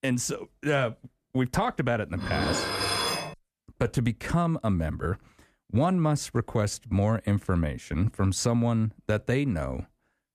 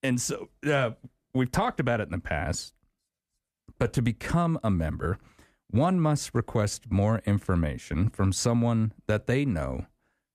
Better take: second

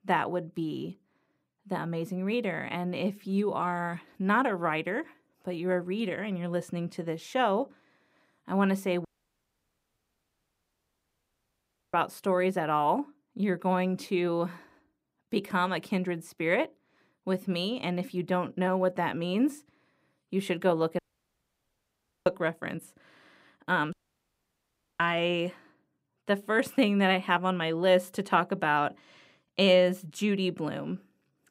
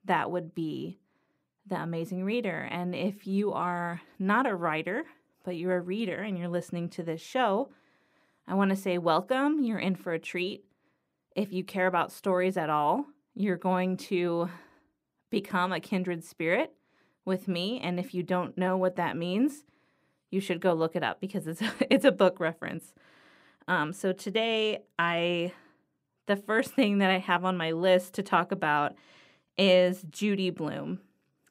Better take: second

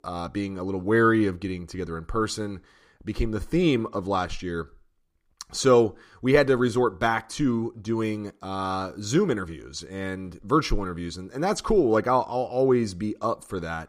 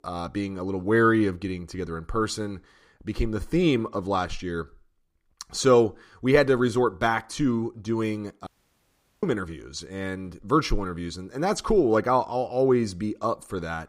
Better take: first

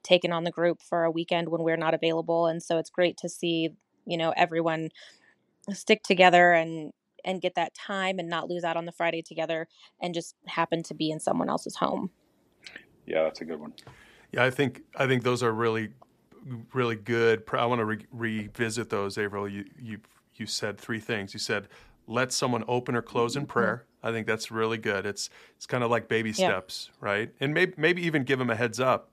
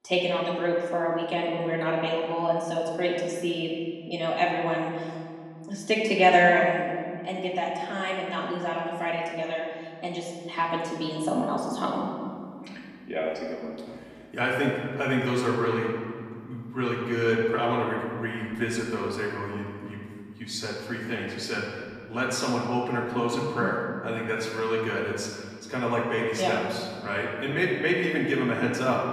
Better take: first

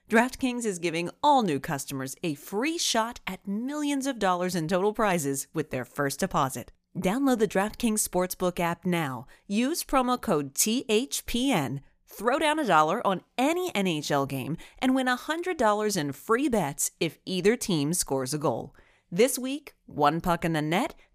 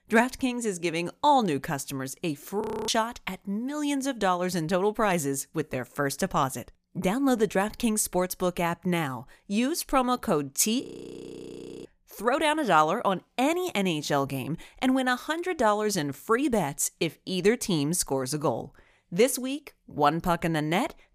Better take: first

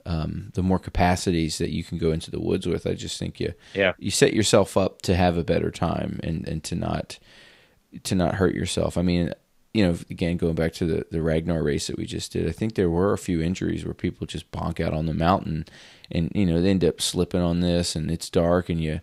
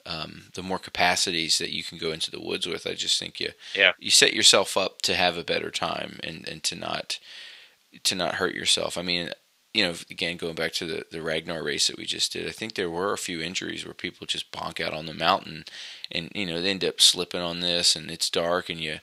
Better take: first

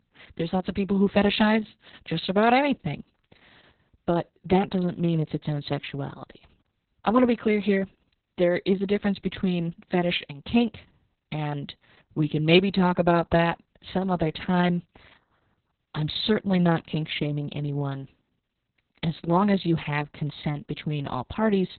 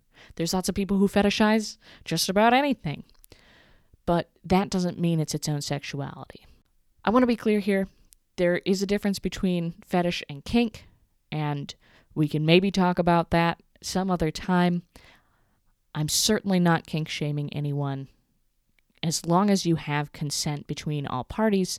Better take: second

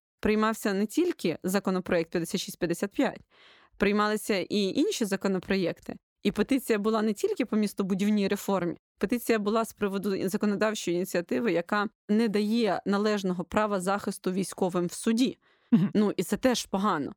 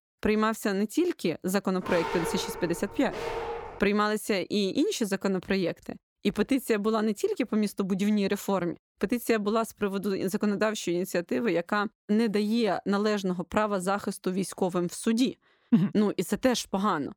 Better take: first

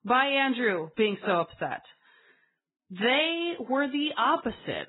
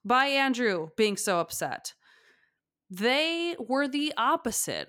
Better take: second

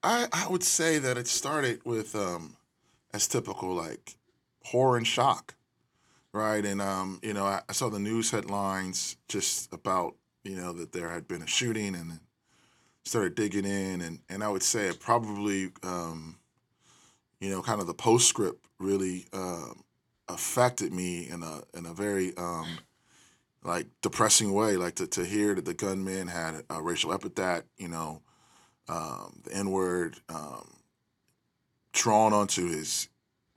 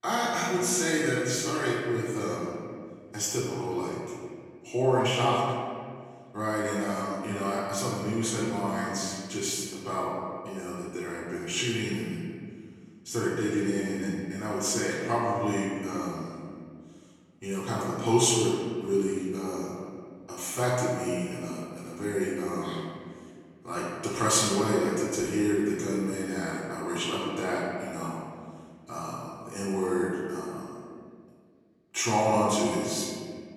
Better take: first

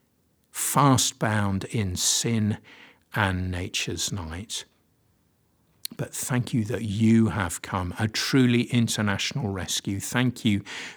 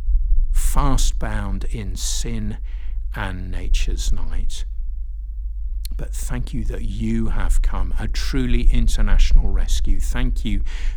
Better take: first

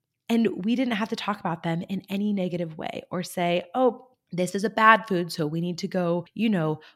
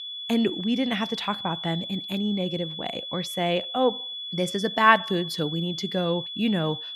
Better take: first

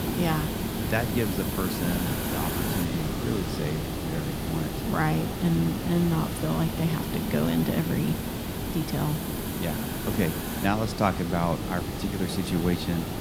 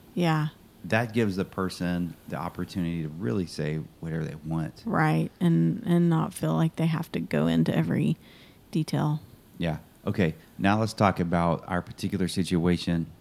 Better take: second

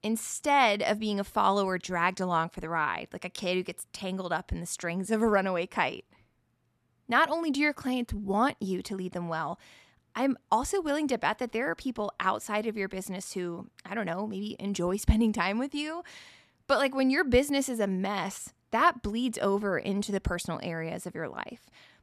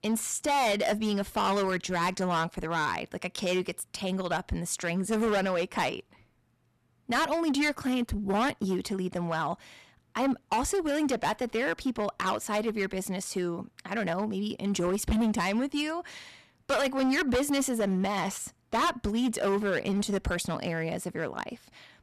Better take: first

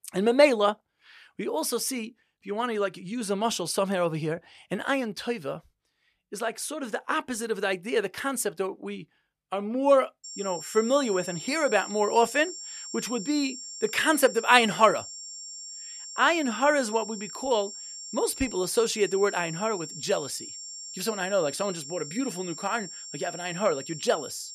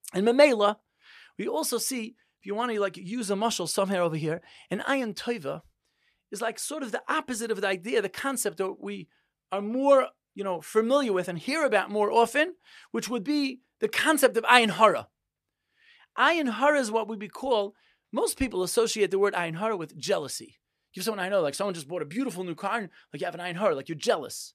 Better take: second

